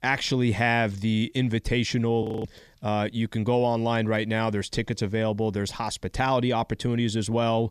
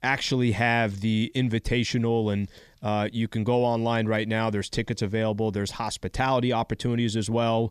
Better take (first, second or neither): second